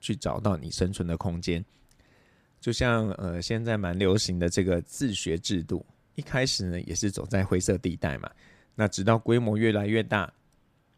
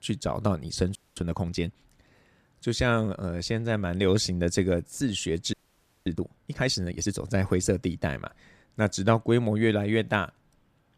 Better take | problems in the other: first | audio freezing; at 1 s and at 5.5 s for 0.5 s

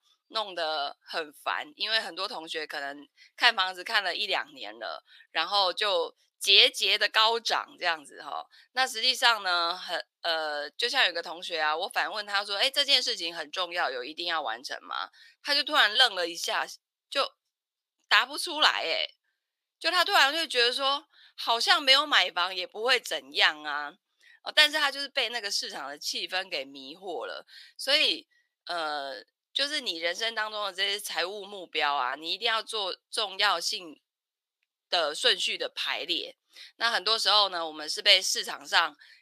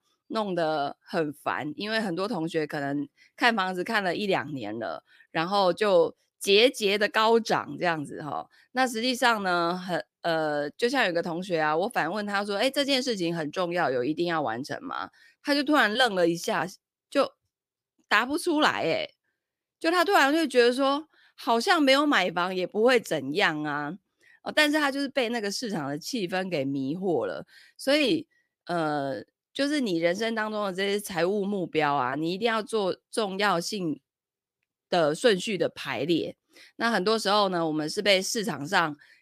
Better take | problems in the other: second | thin; very; fading below 800 Hz

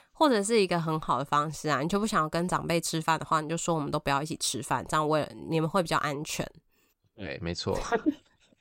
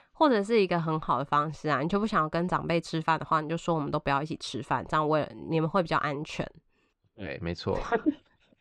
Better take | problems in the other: first | muffled; slightly; fading above 3.5 kHz

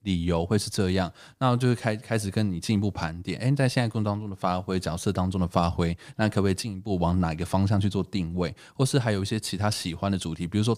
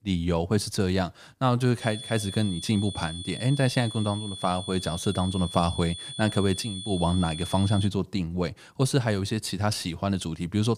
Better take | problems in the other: first | high-pitched whine; loud; from 2 to 8 s; 3.5 kHz, 10 dB below the speech

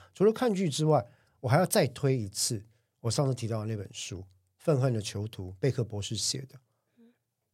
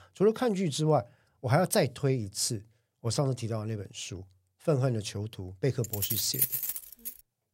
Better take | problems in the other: first | jangling keys; loud; from 6 s on; peak 3 dB above the speech

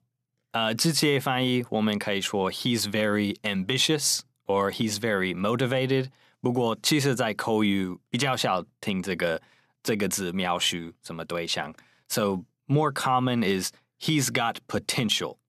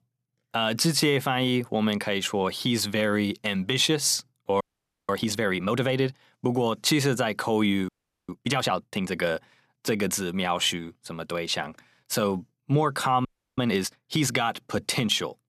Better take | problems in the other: first | audio freezing; at 4.5 s, at 8 s and at 13 s

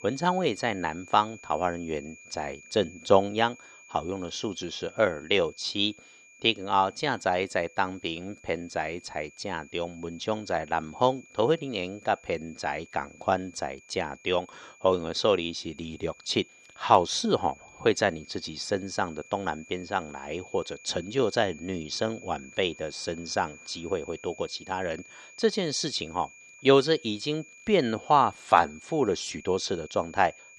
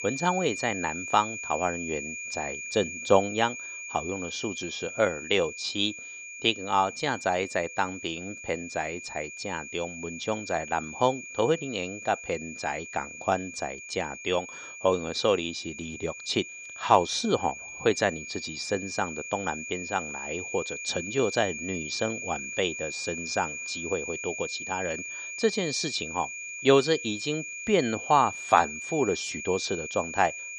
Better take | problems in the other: first | high-pitched whine; loud; throughout; 2.5 kHz, 7 dB below the speech; faint in the first

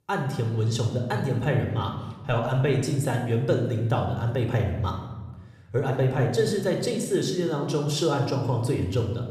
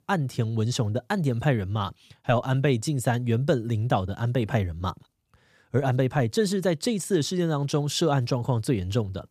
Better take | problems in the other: second | room echo; noticeable; dies away in 1 s

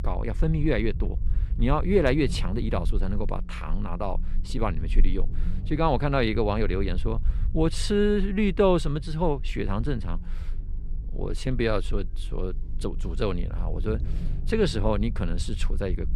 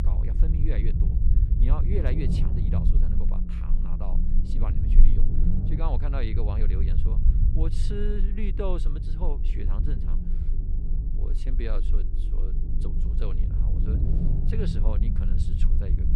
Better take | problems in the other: first | low rumble; loud; throughout; 3 dB below the speech; faint in the first

